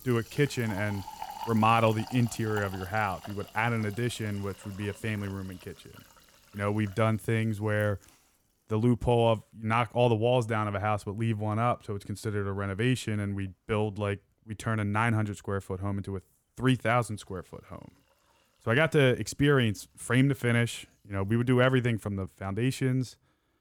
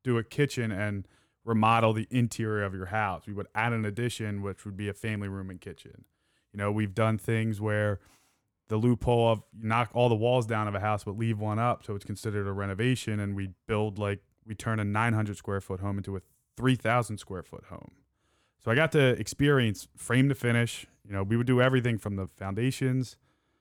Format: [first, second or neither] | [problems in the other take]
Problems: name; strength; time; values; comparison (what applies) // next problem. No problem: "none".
second | household noises; noticeable; throughout; 20 dB below the speech